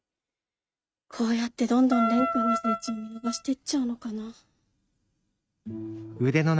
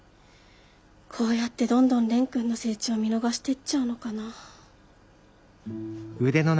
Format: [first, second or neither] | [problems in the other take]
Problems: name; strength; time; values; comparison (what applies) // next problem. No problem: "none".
second | noise reduction (neural mask model RNNoise)